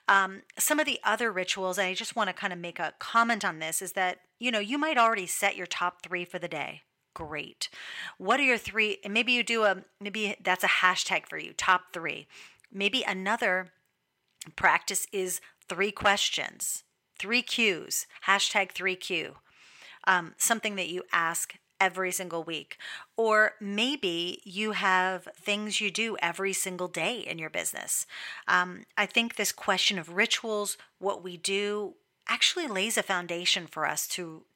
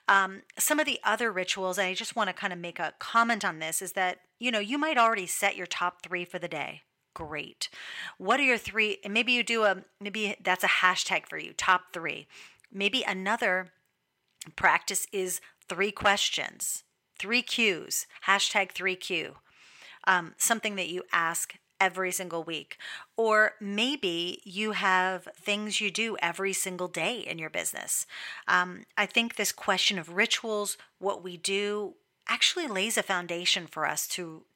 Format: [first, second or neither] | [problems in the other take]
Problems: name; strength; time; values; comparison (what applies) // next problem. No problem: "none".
neither | thin; somewhat; fading below 800 Hz; the same in both